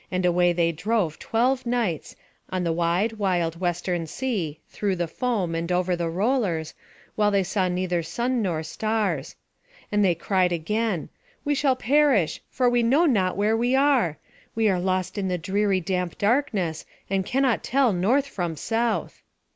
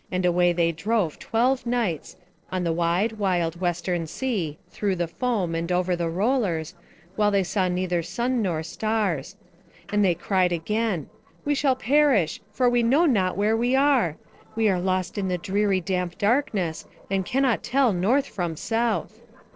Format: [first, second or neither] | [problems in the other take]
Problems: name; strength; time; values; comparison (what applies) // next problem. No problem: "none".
first | noise reduction (neural separator model SepFormer DNS4)